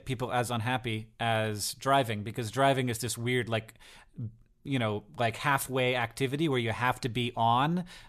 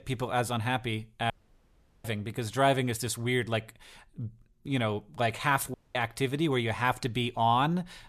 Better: first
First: none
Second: audio cutting out; at 1.5 s for 0.5 s and at 5.5 s

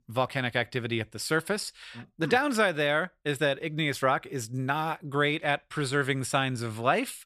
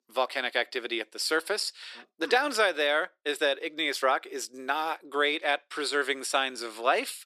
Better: first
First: none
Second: thin; somewhat; fading below 300 Hz

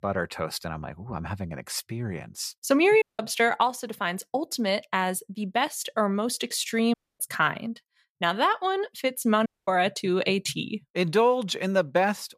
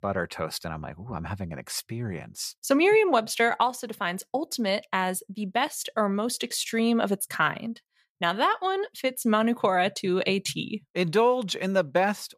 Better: second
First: audio cutting out; at 3 s, at 7 s and at 9.5 s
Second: none

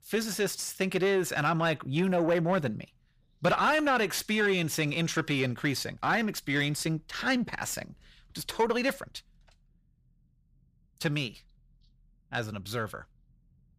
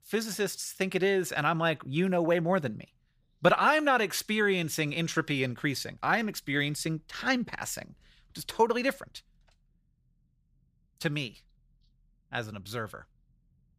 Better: second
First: distortion; slight; 10 dB below the speech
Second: none

